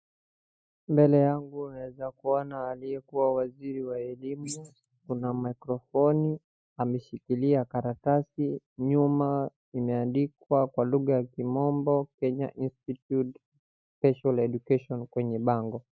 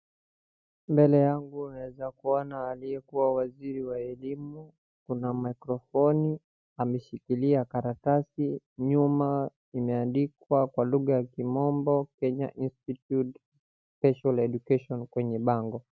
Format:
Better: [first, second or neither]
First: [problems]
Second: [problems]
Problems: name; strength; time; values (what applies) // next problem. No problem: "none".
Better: second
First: noise reduction (neural mask model Resemble Enhance denoiser)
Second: none